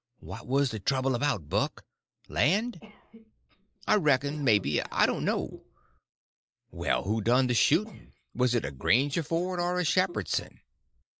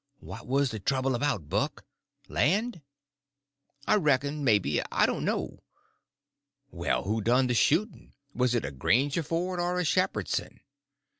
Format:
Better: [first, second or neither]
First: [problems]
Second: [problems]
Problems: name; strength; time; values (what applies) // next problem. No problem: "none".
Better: second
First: noise reduction (neural mask model Resemble Enhance denoiser)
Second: none